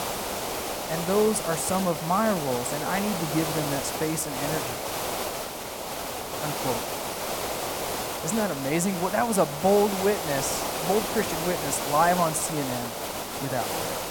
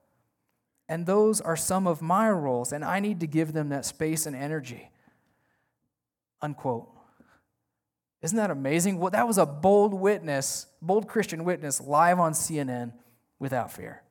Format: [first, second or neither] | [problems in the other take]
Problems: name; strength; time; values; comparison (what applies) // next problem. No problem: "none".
second | hiss; loud; throughout; 3 dB below the speech